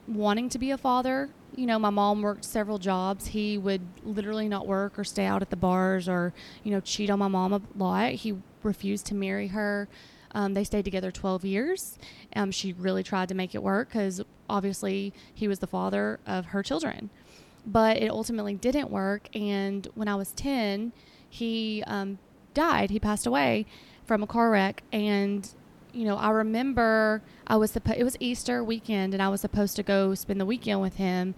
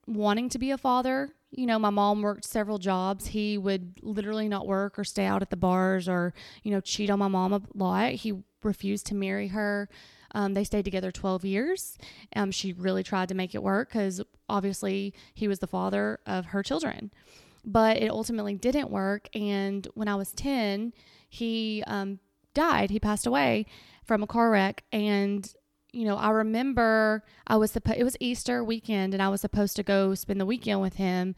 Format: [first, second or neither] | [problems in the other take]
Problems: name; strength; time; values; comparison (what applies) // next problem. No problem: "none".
second | hiss; faint; throughout; 25 dB below the speech